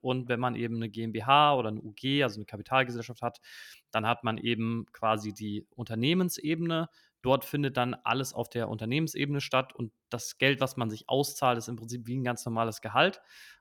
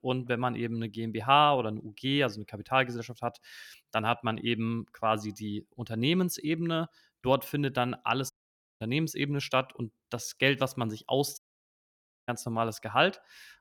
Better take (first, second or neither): first